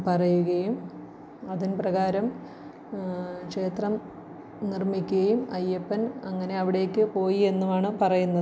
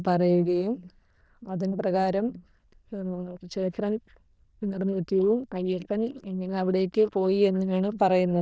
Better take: first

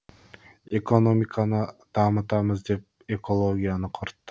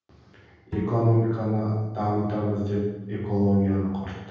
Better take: first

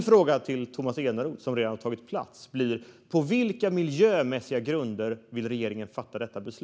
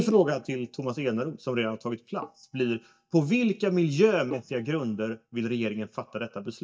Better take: first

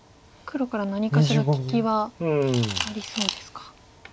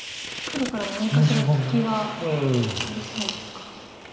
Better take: first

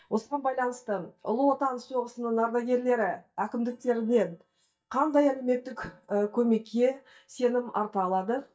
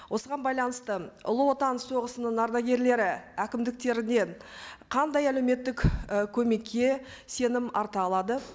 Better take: second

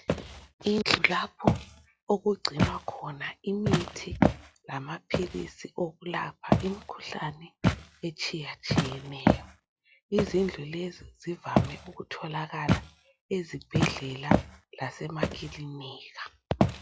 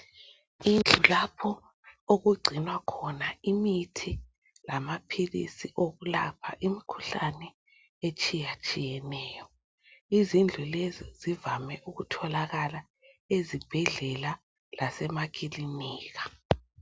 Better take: second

